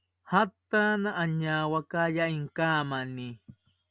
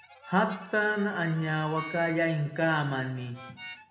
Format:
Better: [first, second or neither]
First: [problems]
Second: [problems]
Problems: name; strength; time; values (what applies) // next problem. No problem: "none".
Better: first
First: none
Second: background sound (Harmonica); 18 dB below the speech // room echo; dies away in 0.9 s